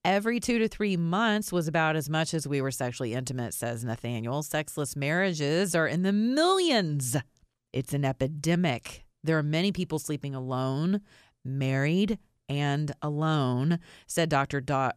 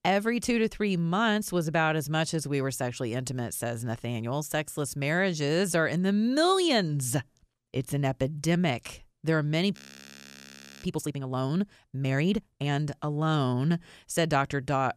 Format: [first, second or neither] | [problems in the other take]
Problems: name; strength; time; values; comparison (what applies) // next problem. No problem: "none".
first | audio freezing; at 10 s for 1 s